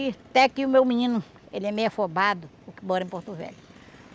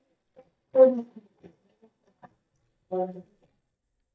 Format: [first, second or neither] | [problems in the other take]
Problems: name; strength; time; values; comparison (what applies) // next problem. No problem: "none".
first | noise reduction (neural mask model DeepFilterNet 3)